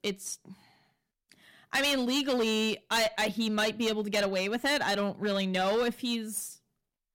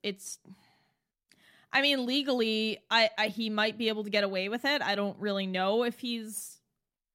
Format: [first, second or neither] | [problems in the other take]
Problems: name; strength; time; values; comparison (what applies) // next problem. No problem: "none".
second | distortion; heavy; 10% of the sound clipped